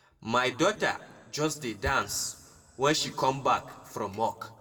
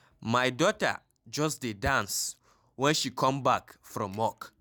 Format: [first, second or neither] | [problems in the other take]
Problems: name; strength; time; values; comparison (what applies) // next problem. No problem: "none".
second | room echo; dies away in 1.1 s